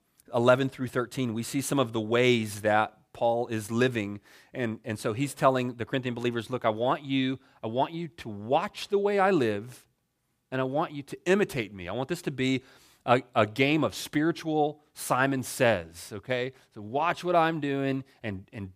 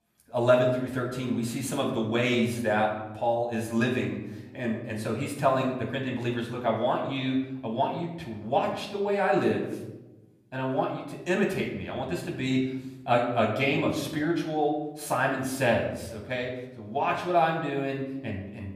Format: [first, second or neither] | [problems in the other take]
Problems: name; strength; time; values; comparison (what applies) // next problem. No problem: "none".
first | room echo; slight; dies away in 0.9 s // off-mic speech; far